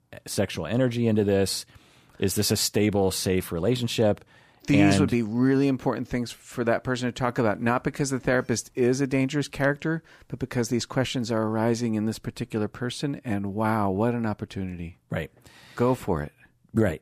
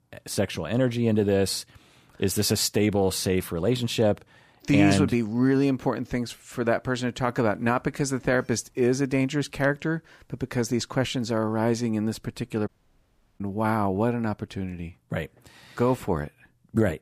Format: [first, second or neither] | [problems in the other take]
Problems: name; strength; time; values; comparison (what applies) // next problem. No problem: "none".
first | audio cutting out; at 13 s for 0.5 s